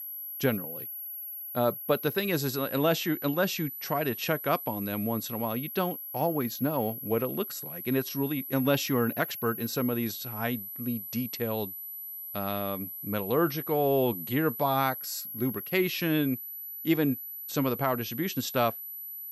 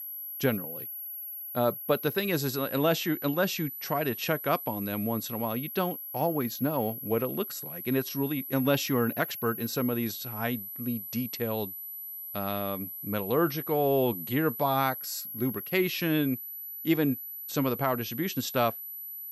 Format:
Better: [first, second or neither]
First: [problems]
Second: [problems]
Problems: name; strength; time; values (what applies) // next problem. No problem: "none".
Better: neither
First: high-pitched whine; loud; throughout; 12 kHz, 7 dB below the speech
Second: high-pitched whine; loud; throughout; 12 kHz, 7 dB below the speech